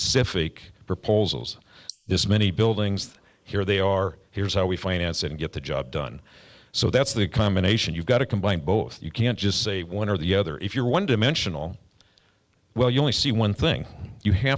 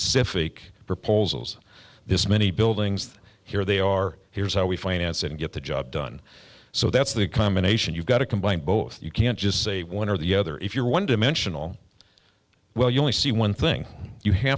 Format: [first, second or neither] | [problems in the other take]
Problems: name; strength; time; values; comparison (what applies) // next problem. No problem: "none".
second | noise reduction (neural mask model Resemble Enhance denoiser)